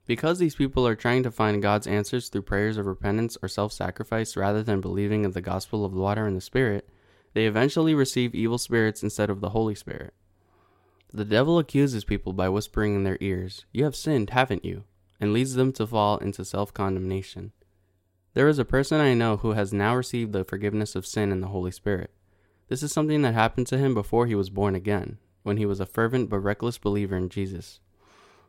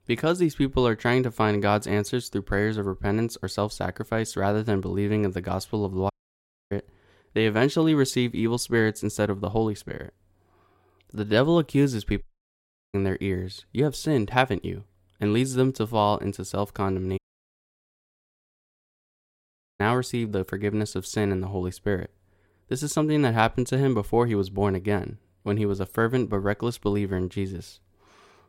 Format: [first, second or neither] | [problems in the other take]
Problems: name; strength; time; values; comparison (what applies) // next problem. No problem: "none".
first | audio cutting out; at 6 s for 0.5 s, at 12 s for 0.5 s and at 17 s for 2.5 s